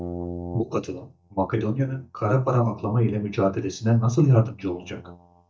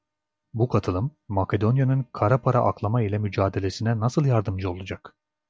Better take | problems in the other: second | noise reduction (neural mask model DeepFilterNet 3)

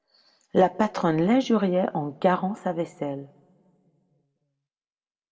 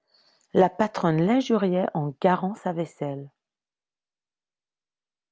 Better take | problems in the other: second | room echo; dies away in 0.4 s

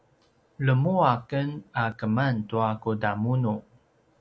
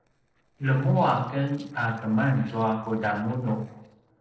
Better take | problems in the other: first | noise reduction (neural separator model SepFormer DNS4)

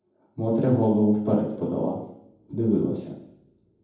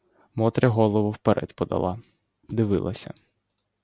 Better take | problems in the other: second | room echo; dies away in 0.9 s

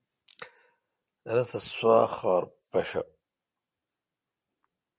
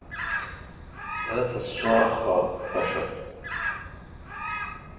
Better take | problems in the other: first | background sound (Bird); 5 dB below the speech // room echo; dies away in 1.2 s

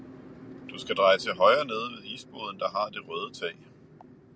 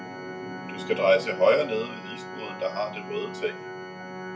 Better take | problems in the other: first | background sound (Organ); 10 dB below the speech // room echo; dies away in 0.3 s

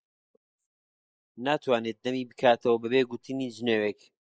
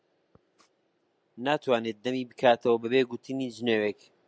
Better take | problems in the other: second | noise reduction (neural mask model Resemble Enhance denoiser)

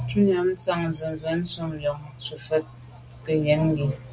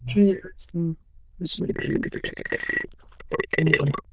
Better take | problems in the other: first | noise reduction (neural diffusion model UNIVERSE++)

